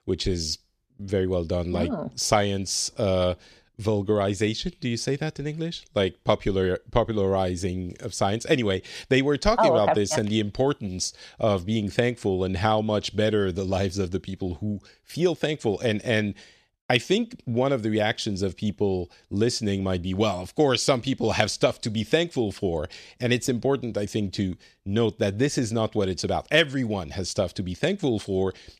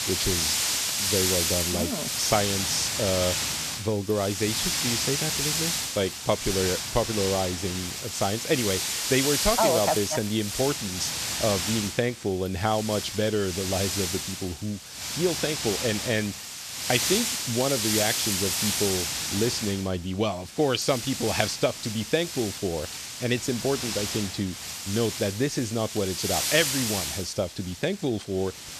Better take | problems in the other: first | wind noise on the microphone; heavy; as loud as the speech

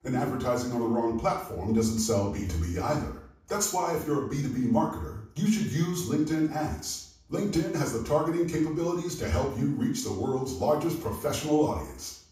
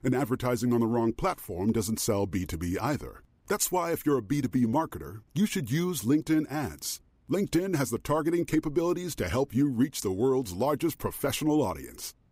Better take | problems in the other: second | room echo; noticeable; dies away in 0.5 s // off-mic speech; far

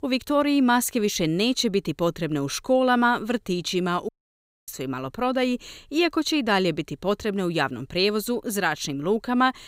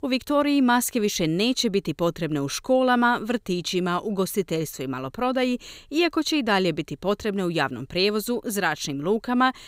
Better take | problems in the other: second | audio cutting out; at 4 s for 0.5 s

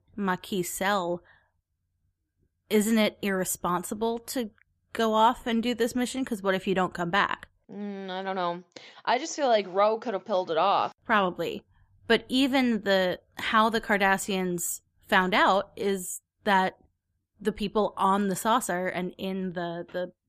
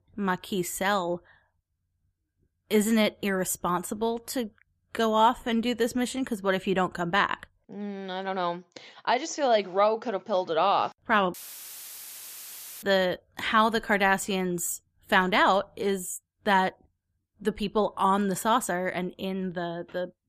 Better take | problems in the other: first | audio cutting out; filled with static; at 11 s for 1.5 s

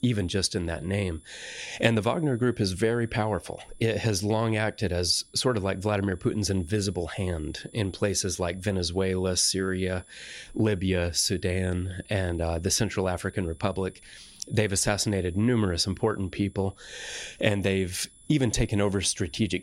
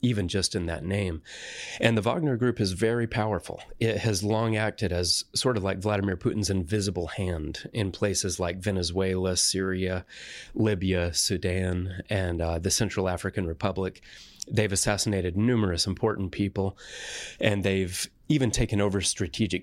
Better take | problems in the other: second | high-pitched whine; faint; throughout; 10.5 kHz, 25 dB below the speech

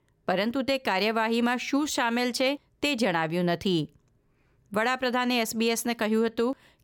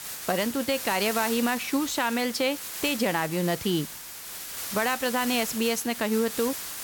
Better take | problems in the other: first | hiss; loud; throughout; 7 dB below the speech

